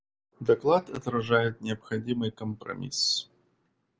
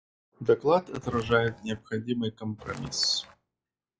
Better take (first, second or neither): first